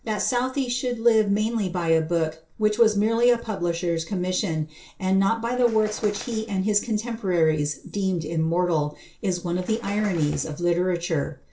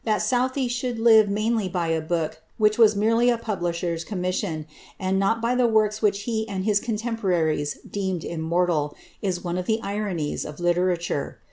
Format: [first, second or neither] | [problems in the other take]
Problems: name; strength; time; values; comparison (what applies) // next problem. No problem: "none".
second | noise reduction (neural separator model SepFormer DNS4)